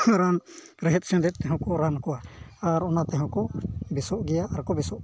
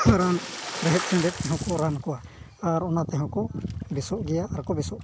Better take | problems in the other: first | background sound (Splash, splatter); 7 dB below the speech

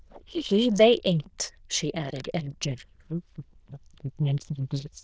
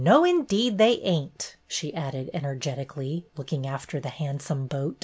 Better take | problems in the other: second | noise reduction (neural diffusion model UNIVERSE++)

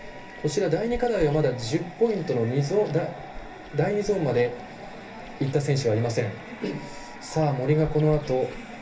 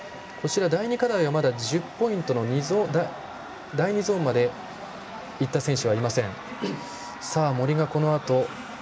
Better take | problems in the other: second | background sound (Chewing, mastication); 17 dB below the speech // room echo; dies away in 0.3 s

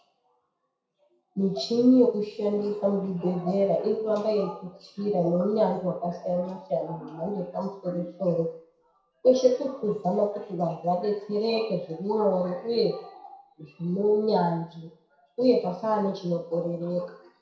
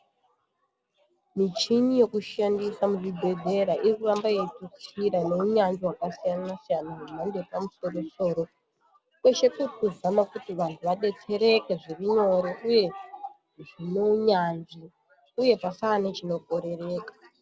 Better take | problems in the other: second | room echo; dies away in 0.6 s

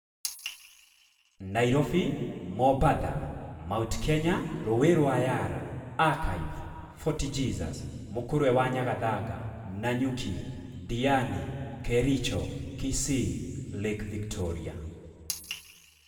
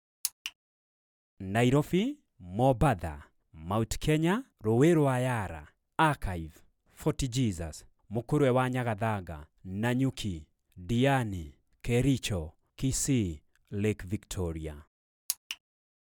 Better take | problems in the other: second | room echo; dies away in 1.9 s

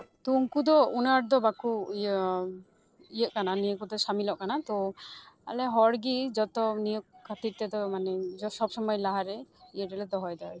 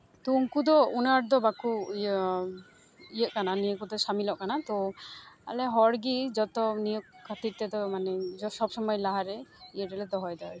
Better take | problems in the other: second | noise reduction (neural separator model SepFormer DNS4)

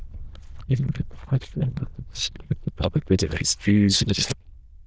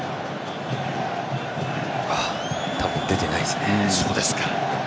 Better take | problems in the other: second | noise reduction (neural diffusion model UNIVERSE++)

